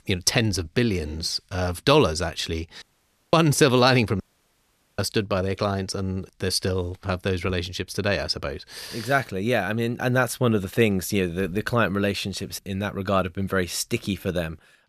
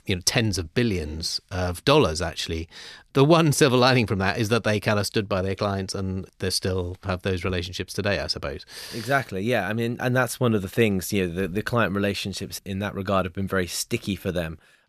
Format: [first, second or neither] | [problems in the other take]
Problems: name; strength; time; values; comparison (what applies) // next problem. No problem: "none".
second | audio cutting out; at 3 s for 0.5 s and at 4 s for 1 s